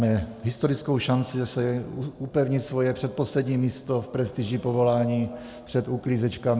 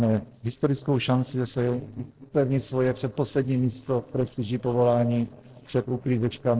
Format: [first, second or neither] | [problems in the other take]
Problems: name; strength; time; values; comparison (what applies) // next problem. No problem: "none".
first | noise reduction (neural separator model SepFormer DNS4)